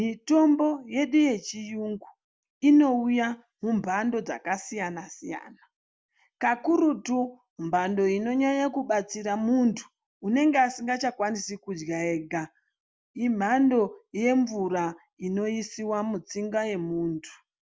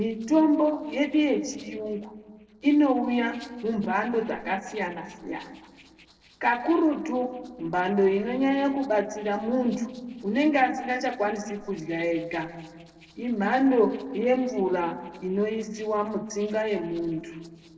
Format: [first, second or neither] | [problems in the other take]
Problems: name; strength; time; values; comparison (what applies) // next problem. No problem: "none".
first | noise reduction (neural separator model SepFormer DNS4)